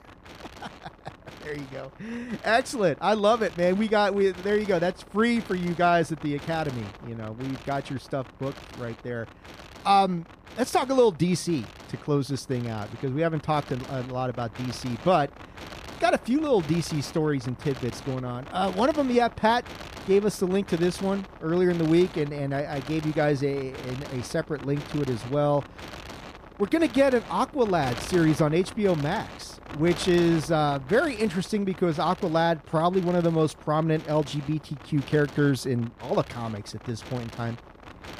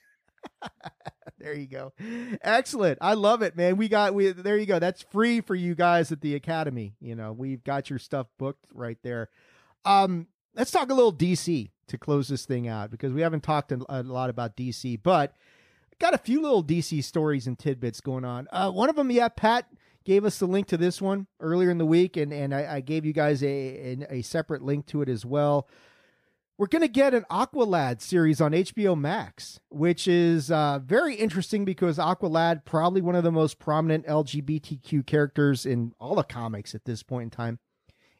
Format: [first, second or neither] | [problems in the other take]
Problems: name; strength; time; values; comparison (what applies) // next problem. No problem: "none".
second | wind noise on the microphone; occasional gusts; 15 dB below the speech